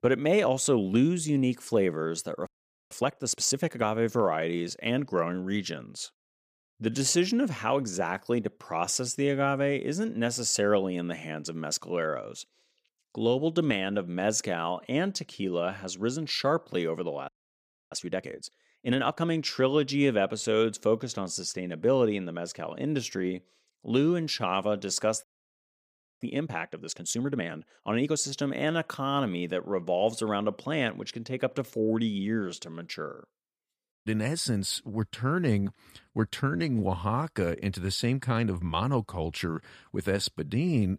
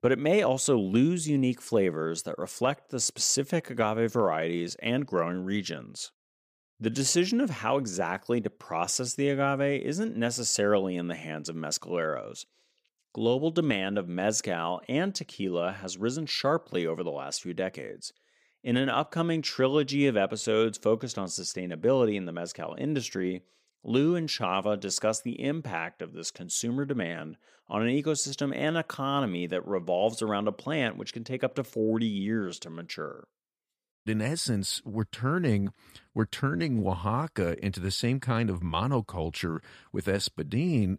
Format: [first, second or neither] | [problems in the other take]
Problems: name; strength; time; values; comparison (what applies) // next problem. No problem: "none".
second | audio freezing; at 2.5 s, at 17 s for 0.5 s and at 25 s for 1 s